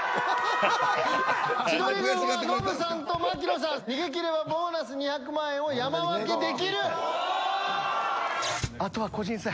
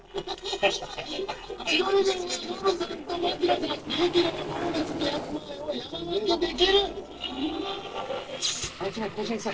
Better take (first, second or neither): first